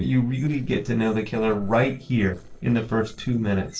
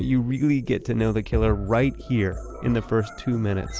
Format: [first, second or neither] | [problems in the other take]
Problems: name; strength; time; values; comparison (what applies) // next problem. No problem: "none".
second | noise reduction (neural separator model SepFormer DNS4)